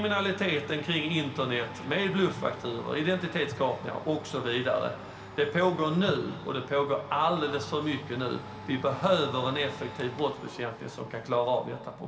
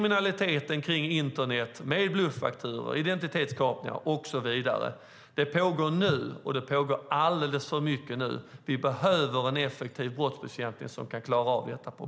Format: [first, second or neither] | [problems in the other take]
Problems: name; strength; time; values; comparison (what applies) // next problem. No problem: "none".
second | background sound (Domestic sounds, home sounds); 15 dB below the speech // room echo; dies away in 2.8 s